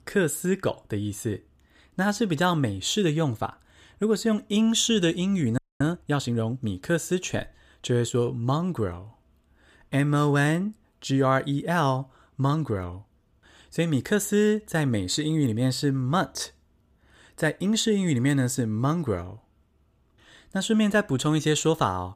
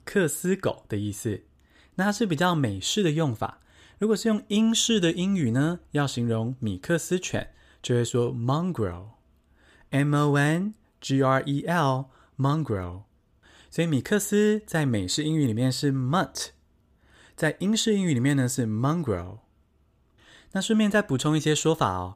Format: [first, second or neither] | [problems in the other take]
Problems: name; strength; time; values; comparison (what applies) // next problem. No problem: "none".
second | audio freezing; at 5.5 s